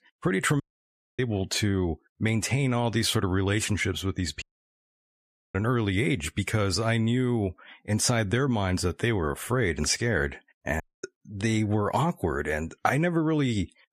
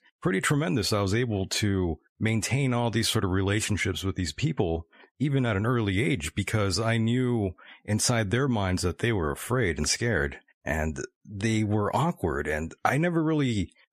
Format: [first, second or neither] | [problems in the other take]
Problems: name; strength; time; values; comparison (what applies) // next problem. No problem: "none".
second | audio cutting out; at 0.5 s for 0.5 s, at 4.5 s for 1 s and at 11 s